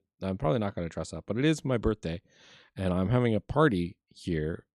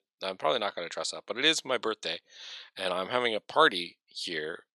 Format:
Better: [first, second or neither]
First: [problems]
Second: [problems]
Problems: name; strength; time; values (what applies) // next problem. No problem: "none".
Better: first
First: none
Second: thin; very; fading below 700 Hz